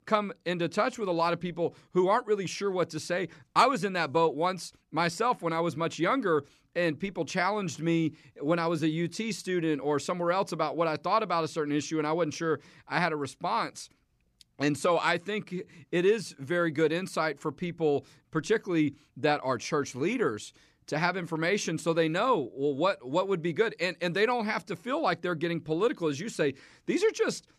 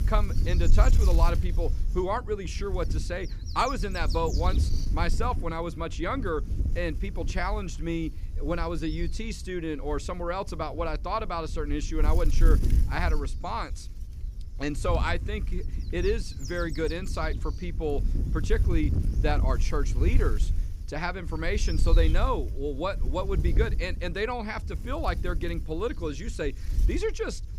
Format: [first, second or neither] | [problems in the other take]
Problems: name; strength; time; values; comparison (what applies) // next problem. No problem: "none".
first | wind noise on the microphone; occasional gusts; 15 dB below the speech